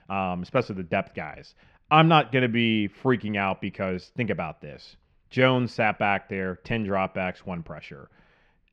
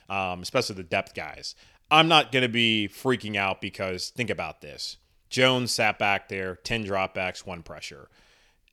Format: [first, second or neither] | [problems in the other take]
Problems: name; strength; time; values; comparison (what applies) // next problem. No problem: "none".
second | muffled; very; fading above 2 kHz